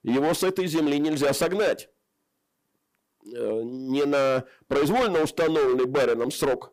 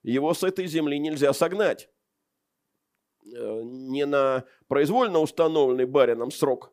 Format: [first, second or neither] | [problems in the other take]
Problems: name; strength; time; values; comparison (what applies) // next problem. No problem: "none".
second | distortion; heavy; 16% of the sound clipped